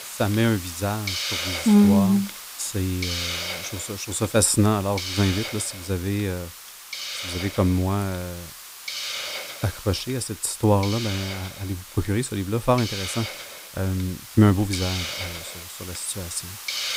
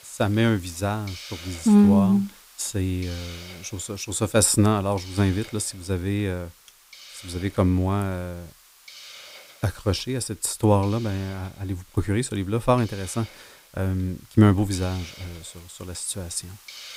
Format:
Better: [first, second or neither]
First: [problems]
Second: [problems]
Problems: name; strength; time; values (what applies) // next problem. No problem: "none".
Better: second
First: hiss; loud; throughout; 8 dB below the speech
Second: hiss; faint; throughout; 20 dB below the speech